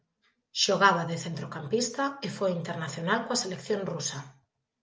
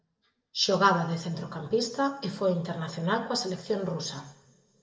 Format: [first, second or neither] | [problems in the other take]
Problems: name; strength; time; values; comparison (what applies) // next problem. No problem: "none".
first | room echo; dies away in 1.2 s